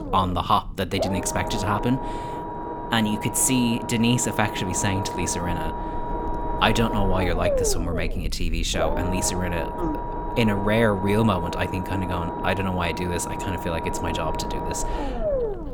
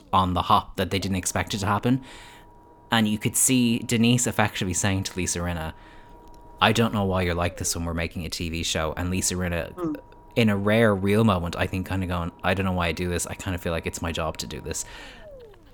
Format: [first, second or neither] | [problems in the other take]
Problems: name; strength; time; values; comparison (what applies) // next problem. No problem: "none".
second | low rumble; loud; throughout; 3 dB below the speech; faint in the second